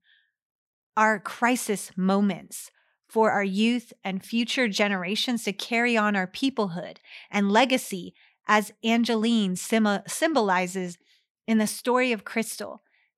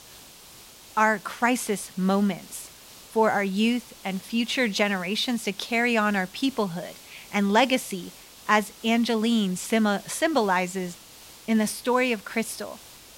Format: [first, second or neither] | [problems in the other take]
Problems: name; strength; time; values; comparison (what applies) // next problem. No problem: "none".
first | hiss; faint; throughout; 20 dB below the speech